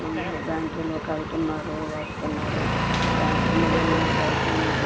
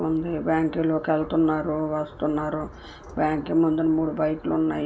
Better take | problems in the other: second | background sound (Engine); 5 dB above the speech

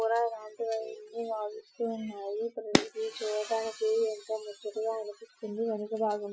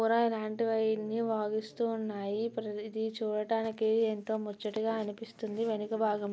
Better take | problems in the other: second | noise reduction (classical method Wiener filter)

